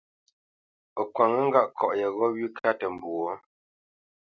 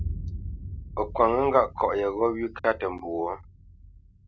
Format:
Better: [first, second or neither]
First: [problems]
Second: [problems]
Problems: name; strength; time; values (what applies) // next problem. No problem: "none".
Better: first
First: none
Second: background sound (Boom); 11 dB below the speech